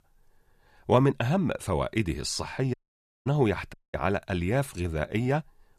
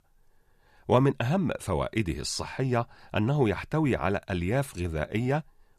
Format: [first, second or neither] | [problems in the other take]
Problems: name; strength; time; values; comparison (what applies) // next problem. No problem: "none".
second | audio cutting out; at 2.5 s for 0.5 s and at 3.5 s